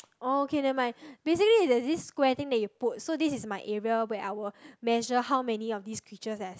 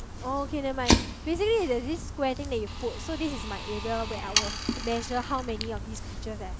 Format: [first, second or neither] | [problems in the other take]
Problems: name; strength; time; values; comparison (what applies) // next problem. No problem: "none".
first | background sound (Sawing + Fire); 1 dB below the speech